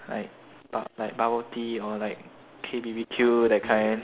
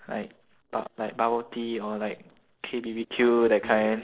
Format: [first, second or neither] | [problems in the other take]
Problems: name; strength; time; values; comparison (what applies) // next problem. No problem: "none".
first | noise reduction (neural separator model SepFormer DNS4)